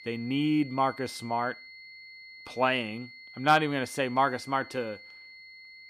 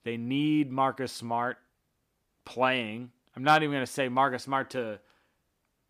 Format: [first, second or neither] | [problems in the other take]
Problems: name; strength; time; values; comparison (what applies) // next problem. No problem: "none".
second | high-pitched whine; noticeable; throughout; 2 kHz, 20 dB below the speech